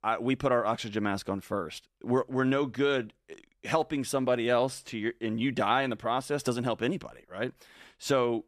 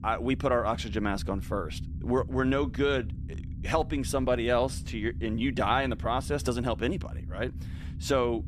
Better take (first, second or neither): first